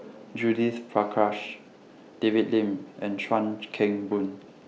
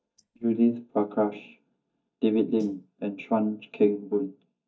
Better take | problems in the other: first | noise reduction (neural mask model DeepFilterNet 3)

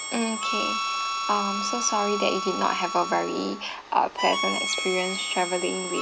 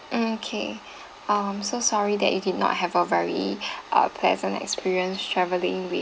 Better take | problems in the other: second | background sound (Harmonica); 3 dB below the speech

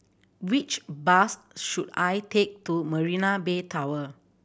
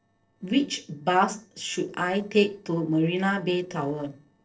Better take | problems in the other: first | noise reduction (neural separator model SepFormer DNS4)

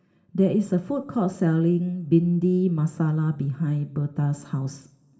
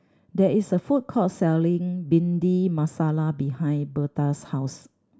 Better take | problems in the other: second | room echo; dies away in 0.8 s

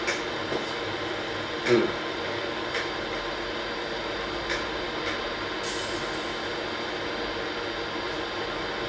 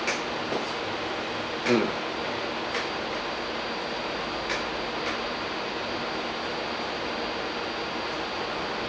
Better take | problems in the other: second | background sound (Hi-hat); 17 dB below the speech // room echo; dies away in 0.2 s

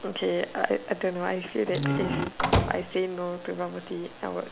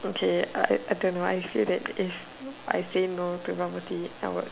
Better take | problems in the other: second | background sound (Squeak / Slam / Wood); 2 dB above the speech

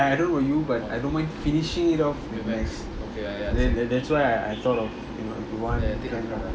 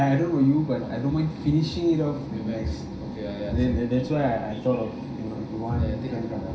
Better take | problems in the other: first | room echo; dies away in 0.5 s

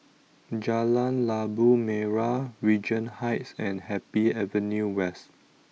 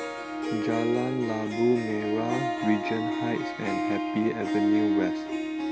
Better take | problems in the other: first | background sound (Harp); as loud as the speech

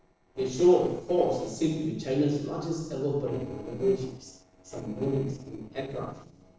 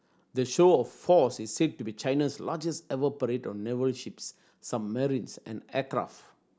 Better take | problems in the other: second | noise reduction (neural separator model SepFormer DNS4)

